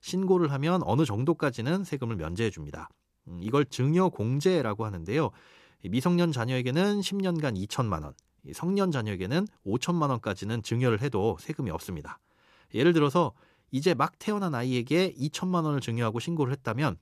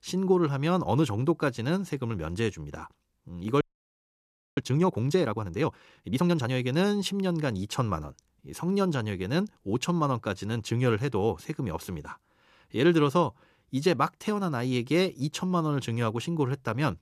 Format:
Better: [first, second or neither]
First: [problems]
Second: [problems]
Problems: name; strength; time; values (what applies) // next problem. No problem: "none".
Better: first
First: none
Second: audio freezing; at 3.5 s for 1 s